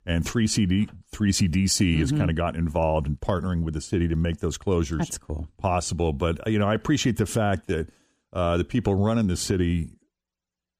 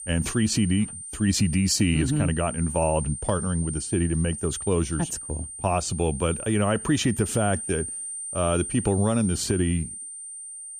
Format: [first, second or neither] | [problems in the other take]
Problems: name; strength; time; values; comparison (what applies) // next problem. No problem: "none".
first | high-pitched whine; loud; throughout; 9 kHz, 8 dB below the speech